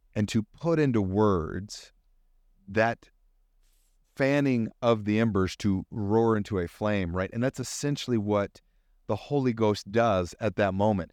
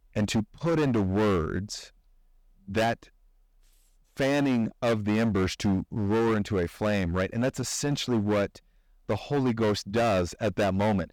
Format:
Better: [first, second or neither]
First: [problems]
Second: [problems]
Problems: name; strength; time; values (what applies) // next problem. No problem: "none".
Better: first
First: none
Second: distortion; heavy; 14% of the sound clipped